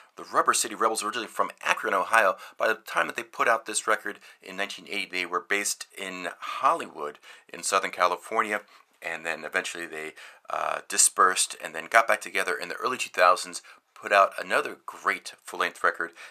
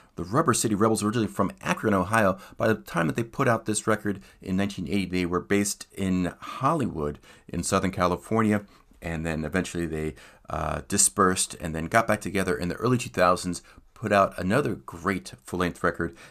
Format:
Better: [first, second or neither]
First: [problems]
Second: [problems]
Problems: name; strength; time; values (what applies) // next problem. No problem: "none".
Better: second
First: thin; very; fading below 700 Hz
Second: none